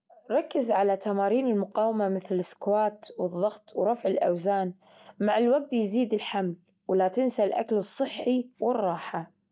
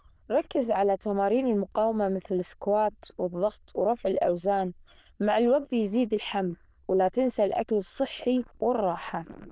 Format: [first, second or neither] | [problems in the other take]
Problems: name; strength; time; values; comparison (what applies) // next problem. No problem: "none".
first | noise reduction (neural diffusion model UNIVERSE++)